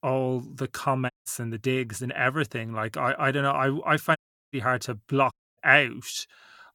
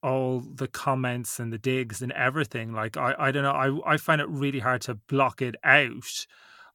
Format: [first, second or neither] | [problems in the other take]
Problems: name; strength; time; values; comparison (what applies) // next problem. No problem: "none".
second | audio cutting out; at 1 s, at 4 s and at 5.5 s